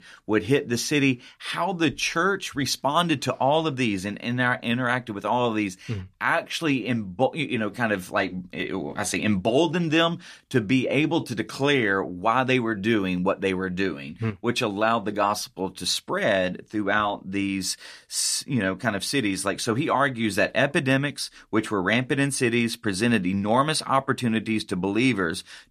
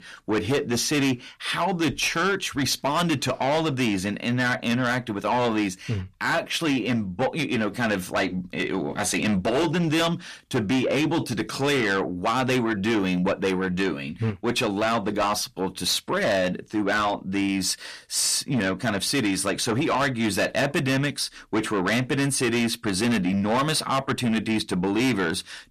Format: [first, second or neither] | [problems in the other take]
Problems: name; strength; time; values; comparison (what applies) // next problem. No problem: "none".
first | distortion; heavy; 8 dB below the speech